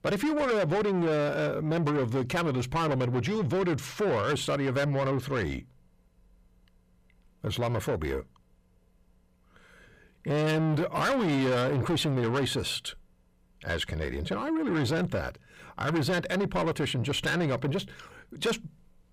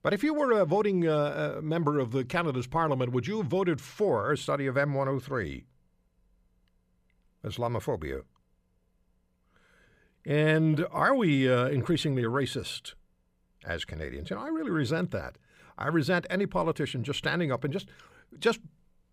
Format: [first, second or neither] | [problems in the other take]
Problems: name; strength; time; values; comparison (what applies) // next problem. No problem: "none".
second | distortion; heavy; 7 dB below the speech